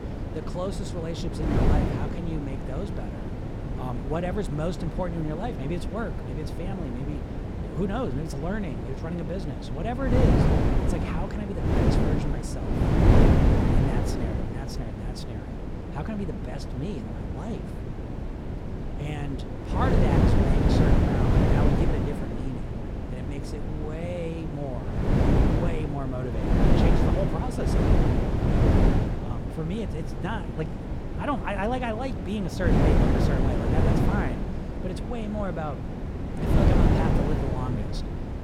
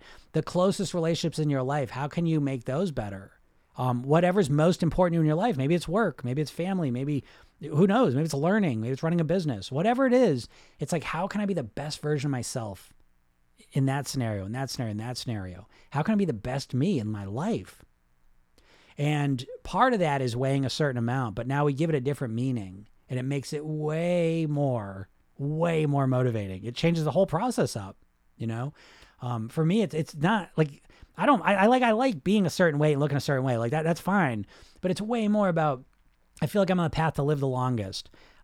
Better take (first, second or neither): second